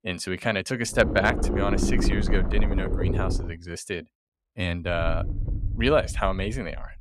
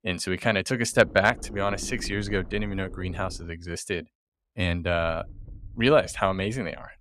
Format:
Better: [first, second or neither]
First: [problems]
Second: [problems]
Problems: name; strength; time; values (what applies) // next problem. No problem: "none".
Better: second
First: low rumble; loud; from 1 to 3.5 s and from 5 s on; 7 dB below the speech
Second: low rumble; faint; from 1 to 3.5 s and from 5 s on; 25 dB below the speech